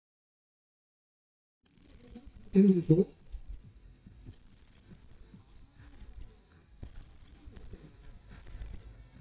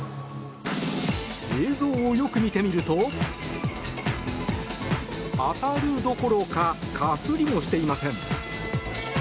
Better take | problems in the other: second | noise reduction (neural mask model DeepFilterNet 3)

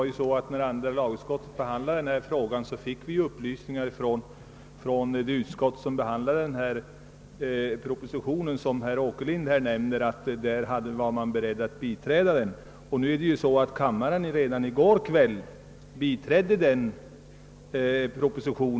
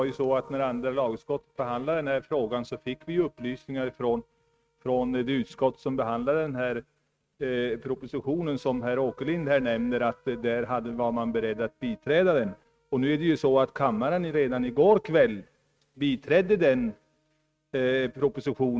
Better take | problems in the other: first | noise reduction (neural mask model RNNoise)

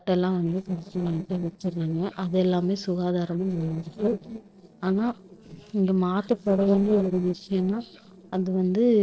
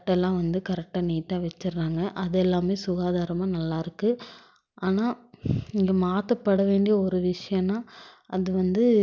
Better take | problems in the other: second | noise reduction (neural separator model SepFormer DNS4)

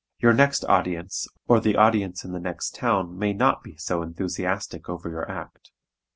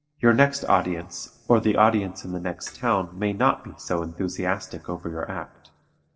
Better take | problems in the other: first | noise reduction (neural separator model SepFormer DNS4)

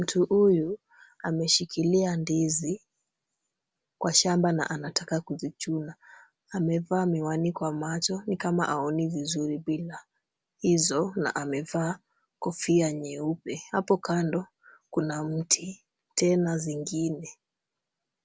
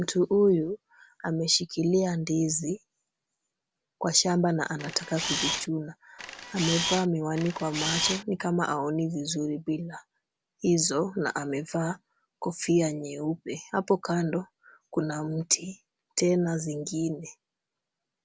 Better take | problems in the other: first | background sound (Camera); 3 dB below the speech

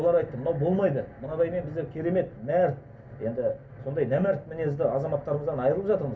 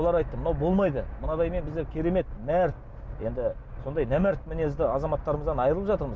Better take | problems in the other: second | room echo; dies away in 0.3 s

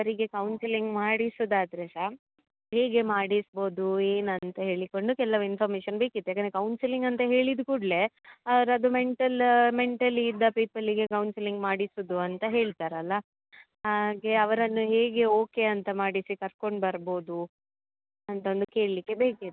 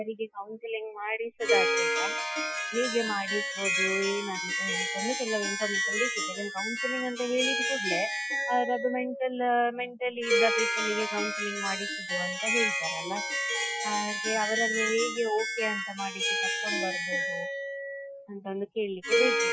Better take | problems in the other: first | noise reduction (classical method Wiener filter)

